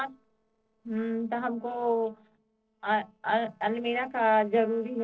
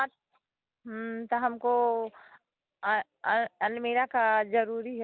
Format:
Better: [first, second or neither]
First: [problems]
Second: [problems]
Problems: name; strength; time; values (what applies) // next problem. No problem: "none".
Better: second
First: noise reduction (neural separator model SepFormer DNS4)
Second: none